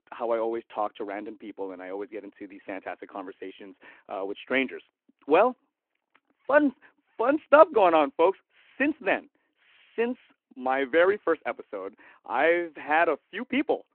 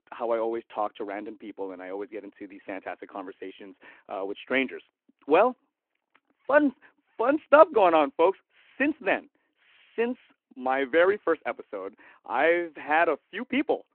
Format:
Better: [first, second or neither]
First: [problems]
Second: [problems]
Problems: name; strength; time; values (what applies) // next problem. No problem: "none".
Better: neither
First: phone-call audio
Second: phone-call audio